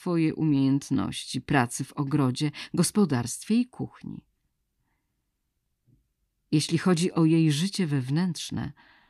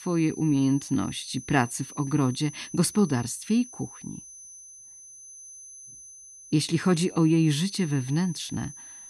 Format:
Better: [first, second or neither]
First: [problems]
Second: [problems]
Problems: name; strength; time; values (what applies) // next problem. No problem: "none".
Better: first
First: none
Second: high-pitched whine; noticeable; throughout; 6 kHz, 15 dB below the speech